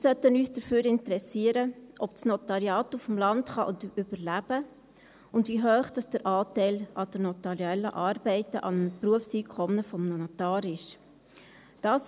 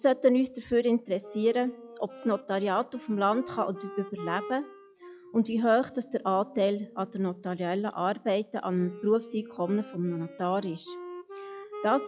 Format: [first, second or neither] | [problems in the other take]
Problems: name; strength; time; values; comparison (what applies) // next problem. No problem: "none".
first | noise reduction (classical method log-MMSE)